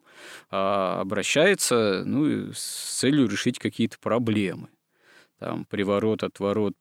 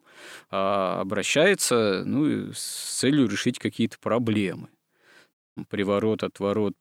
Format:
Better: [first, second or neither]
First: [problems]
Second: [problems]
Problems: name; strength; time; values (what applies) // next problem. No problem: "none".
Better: first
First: none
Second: audio cutting out; at 5.5 s